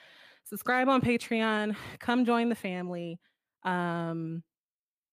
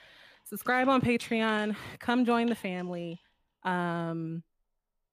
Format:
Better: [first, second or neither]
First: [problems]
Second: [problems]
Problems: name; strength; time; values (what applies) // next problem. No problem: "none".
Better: first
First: none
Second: household noises; faint; throughout; 25 dB below the speech